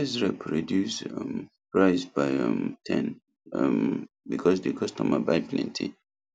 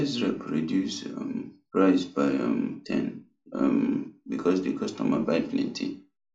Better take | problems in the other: first | room echo; dies away in 0.4 s

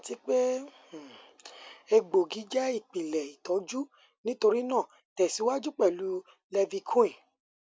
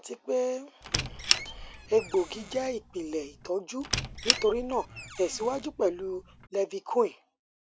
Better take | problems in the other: first | background sound (Squeak); 3 dB below the speech

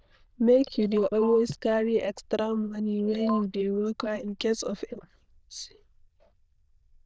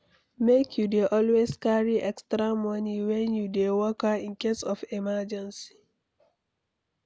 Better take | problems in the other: second | noise reduction (neural diffusion model UNIVERSE++)

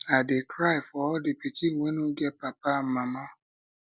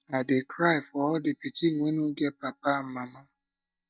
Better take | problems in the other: first | noise reduction (neural mask model DeepFilterNet 3)

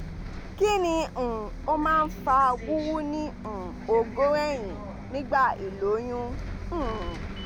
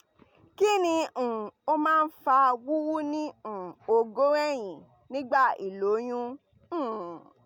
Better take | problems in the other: second | background sound (Bus); 9 dB below the speech

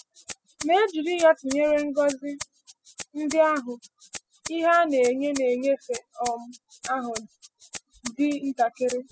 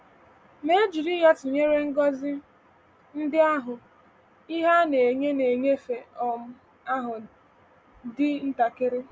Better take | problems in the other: second | noise reduction (classical method spectral subtraction)

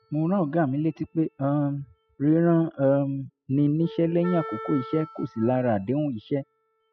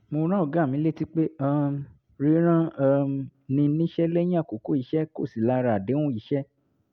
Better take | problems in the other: second | noise reduction (classical method spectral subtraction)

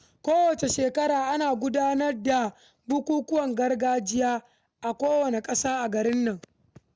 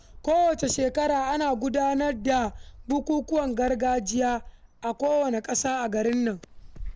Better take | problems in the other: first | background sound (Bird); 17 dB below the speech

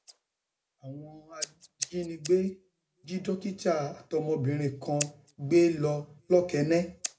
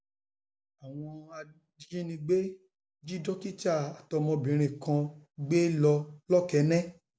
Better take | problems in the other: second | background sound (Scissors); 15 dB below the speech // room echo; dies away in 0.2 s

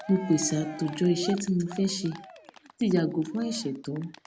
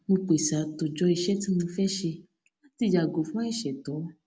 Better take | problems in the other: second | background sound (Cheering); 17 dB below the speech

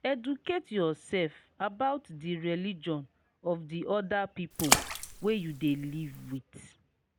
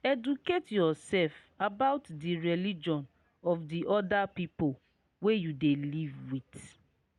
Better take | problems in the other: second | background sound (Splash, splatter); as loud as the speech

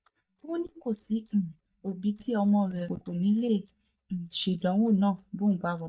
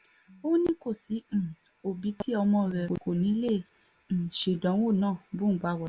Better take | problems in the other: second | noise reduction (neural mask model DeepFilterNet 3)

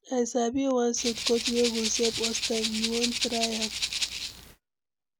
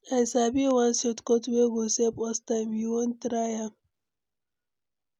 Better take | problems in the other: second | background sound (Rattle (instrument)); 2 dB below the speech

